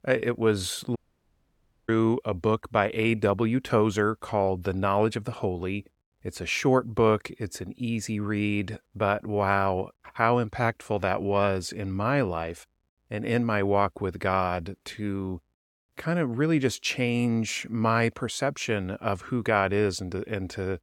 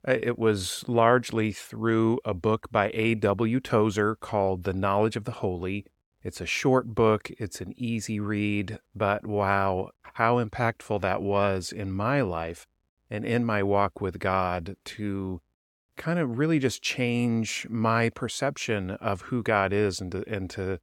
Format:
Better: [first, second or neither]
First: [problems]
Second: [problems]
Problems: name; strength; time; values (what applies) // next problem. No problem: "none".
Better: second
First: audio cutting out; at 1 s for 1 s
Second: none